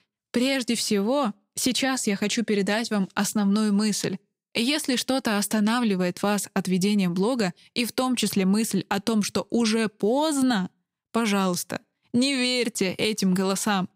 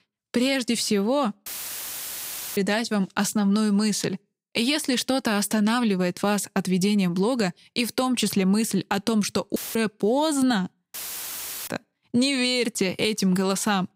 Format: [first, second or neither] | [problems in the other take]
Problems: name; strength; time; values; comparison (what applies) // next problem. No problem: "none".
first | audio cutting out; filled with static; at 1.5 s for 1 s, at 9.5 s and at 11 s for 0.5 s